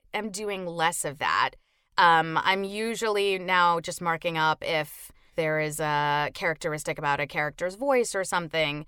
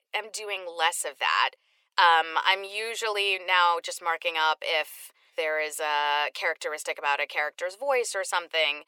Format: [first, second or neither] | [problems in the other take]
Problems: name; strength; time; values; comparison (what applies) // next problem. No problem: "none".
first | thin; very; fading below 450 Hz